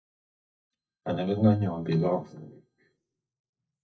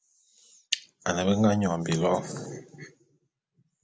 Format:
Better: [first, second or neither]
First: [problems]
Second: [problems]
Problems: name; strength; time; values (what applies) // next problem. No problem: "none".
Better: second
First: noise reduction (neural mask model DeepFilterNet 3)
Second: none